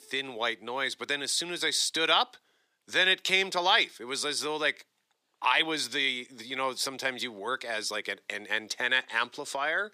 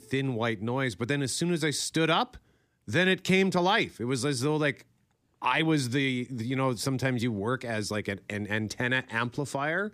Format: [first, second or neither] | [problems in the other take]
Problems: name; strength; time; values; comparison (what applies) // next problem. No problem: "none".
second | thin; very; fading below 600 Hz